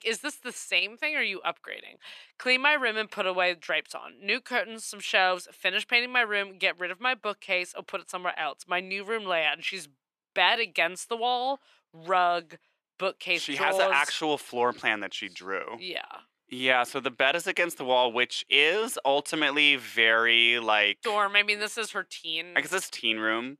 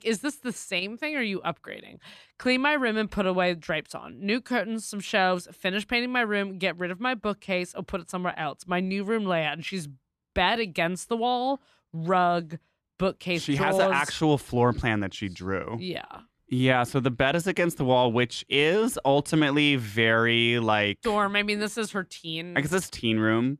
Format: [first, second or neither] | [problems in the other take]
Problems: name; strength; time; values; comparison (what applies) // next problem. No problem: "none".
second | thin; somewhat; fading below 500 Hz